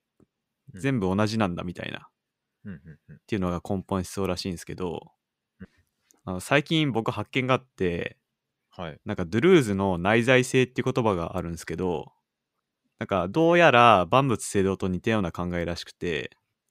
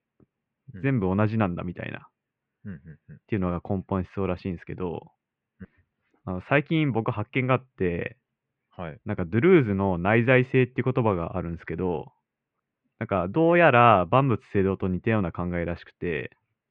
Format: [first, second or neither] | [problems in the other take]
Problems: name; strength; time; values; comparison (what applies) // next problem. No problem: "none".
first | muffled; very; fading above 2.5 kHz